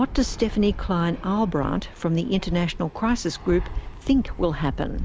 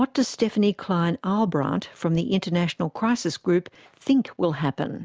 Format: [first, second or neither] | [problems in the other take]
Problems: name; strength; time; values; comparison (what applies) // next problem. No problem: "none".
second | background sound (Fixed-wing aircraft, airplane); 8 dB below the speech